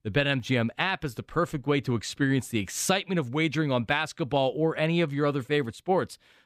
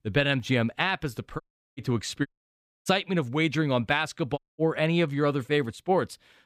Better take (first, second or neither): first